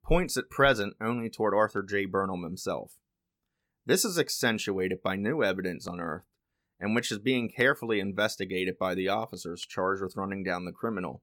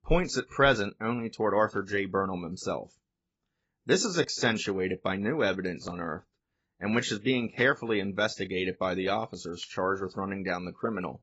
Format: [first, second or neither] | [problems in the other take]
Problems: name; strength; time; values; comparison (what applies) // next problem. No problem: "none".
first | garbled, watery; badly; nothing above 7.5 kHz